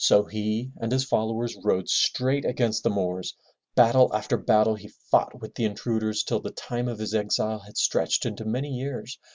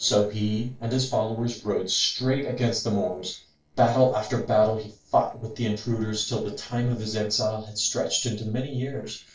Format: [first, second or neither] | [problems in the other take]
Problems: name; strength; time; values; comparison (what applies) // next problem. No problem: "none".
first | noise reduction (neural separator model SepFormer DNS4)